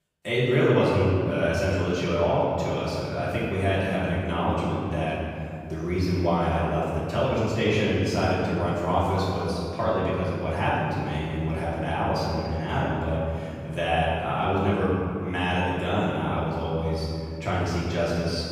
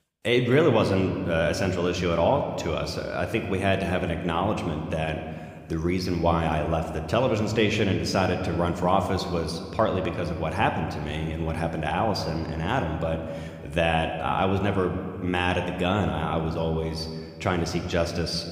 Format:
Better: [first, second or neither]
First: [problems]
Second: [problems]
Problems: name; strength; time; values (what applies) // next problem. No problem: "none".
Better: second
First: room echo; strong; dies away in 2.5 s // off-mic speech; far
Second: room echo; slight; dies away in 1.8 s